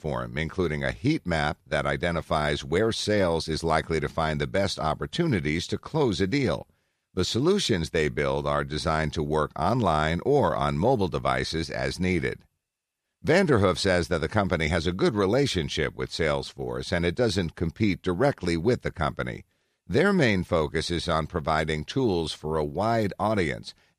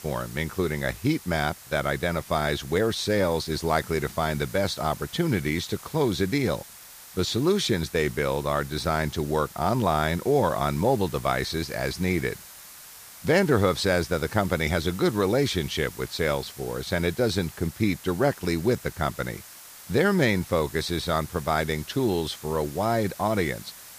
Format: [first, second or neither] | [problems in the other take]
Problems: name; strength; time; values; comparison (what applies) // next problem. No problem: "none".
first | hiss; noticeable; throughout; 15 dB below the speech